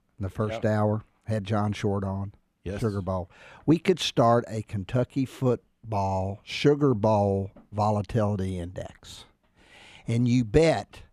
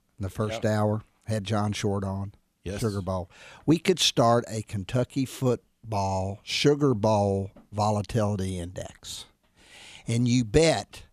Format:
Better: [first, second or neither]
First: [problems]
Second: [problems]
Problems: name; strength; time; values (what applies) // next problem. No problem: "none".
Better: second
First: muffled; slightly; fading above 3 kHz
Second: none